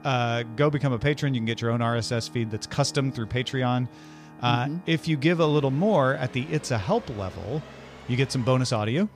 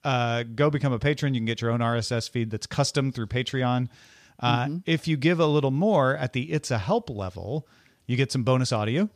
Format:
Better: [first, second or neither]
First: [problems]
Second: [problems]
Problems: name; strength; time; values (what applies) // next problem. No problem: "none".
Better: second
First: background music; noticeable; throughout; 20 dB below the speech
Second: none